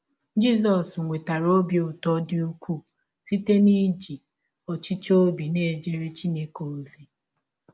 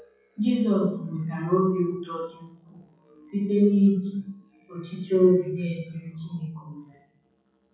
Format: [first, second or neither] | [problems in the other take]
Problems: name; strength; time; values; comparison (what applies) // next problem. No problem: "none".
first | noise reduction (classical method WPE with log-MMSE)